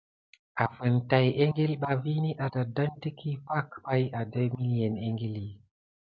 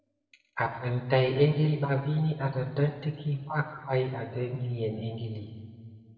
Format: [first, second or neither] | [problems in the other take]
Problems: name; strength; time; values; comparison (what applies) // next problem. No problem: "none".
first | room echo; dies away in 1.9 s